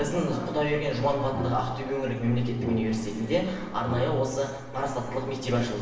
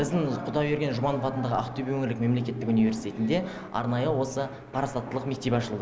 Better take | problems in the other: second | background sound (Brass instrument); 13 dB below the speech // room echo; dies away in 1 s

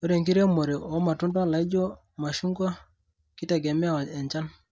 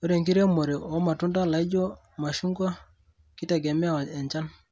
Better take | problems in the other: second | noise reduction (neural mask model DeepFilterNet 3)

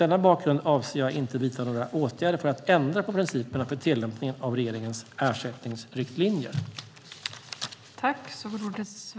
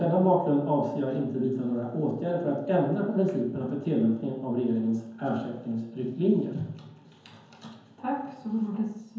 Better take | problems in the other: first | room echo; dies away in 0.9 s

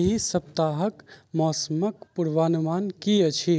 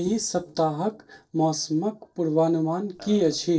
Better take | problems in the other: first | noise reduction (neural separator model SepFormer DNS4)

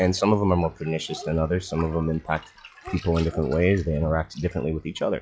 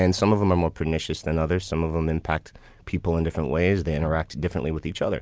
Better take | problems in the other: second | noise reduction (classical method log-MMSE)

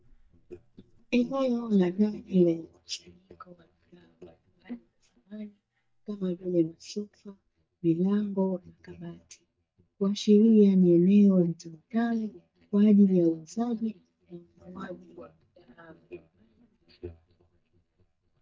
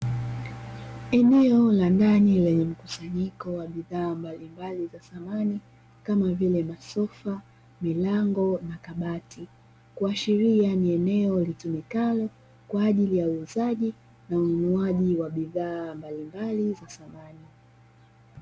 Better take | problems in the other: second | noise reduction (neural mask model DeepFilterNet 3)

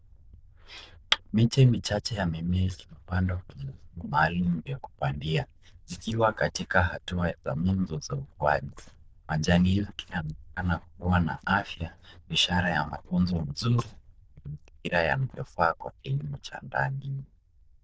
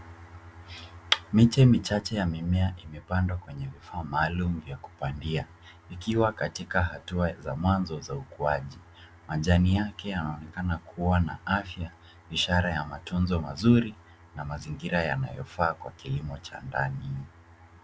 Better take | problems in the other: second | noise reduction (neural diffusion model UNIVERSE++)

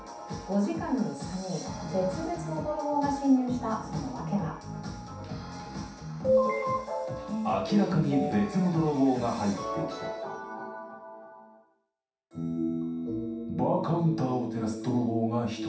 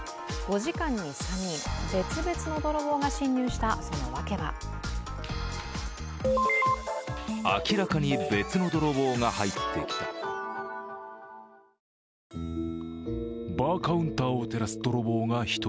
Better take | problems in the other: second | room echo; dies away in 0.7 s

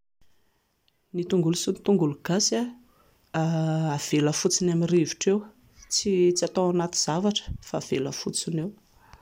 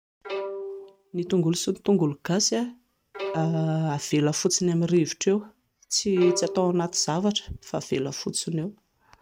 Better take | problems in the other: first | noise reduction (neural mask model RNNoise)

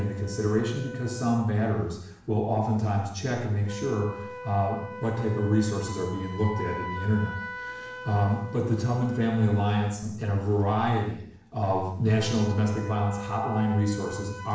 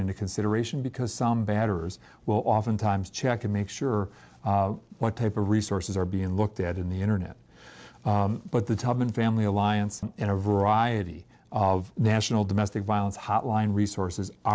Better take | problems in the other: second | background sound (Wind instrument, woodwind instrument); 14 dB below the speech // room echo; dies away in 0.6 s

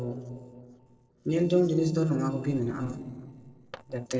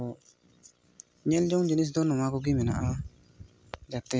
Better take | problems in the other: second | noise reduction (neural separator model SepFormer DNS4)

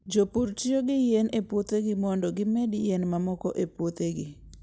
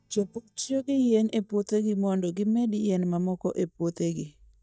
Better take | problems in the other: first | noise reduction (neural mask model DeepFilterNet 3)

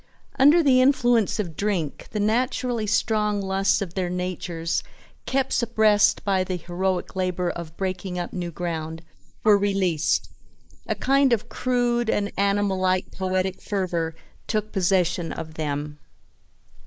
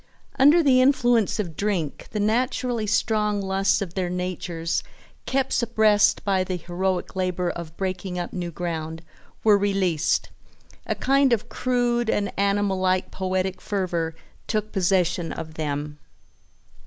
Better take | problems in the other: second | noise reduction (neural mask model Resemble Enhance denoiser)

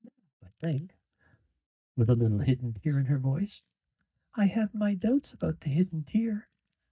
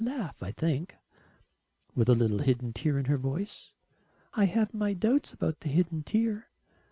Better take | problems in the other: second | noise reduction (neural mask model DeepFilterNet 3)

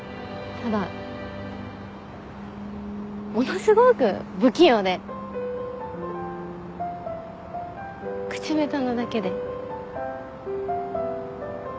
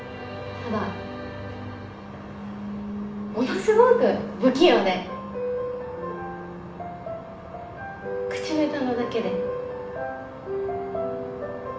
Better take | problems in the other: first | room echo; dies away in 0.6 s

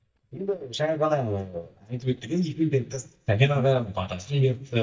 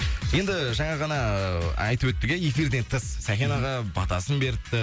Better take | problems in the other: second | noise reduction (neural mask model DeepFilterNet 3)

